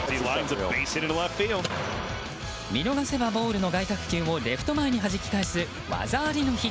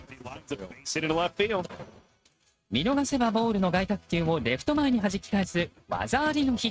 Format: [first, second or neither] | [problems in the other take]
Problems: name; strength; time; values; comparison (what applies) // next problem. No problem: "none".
first | noise reduction (neural mask model RNNoise)